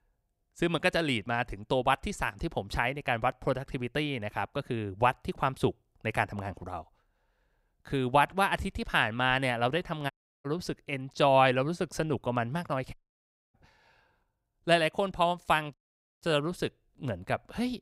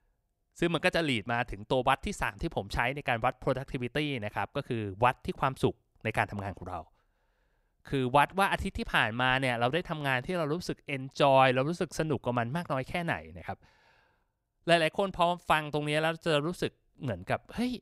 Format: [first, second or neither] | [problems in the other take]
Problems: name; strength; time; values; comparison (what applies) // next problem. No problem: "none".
second | audio cutting out; at 10 s, at 13 s for 0.5 s and at 16 s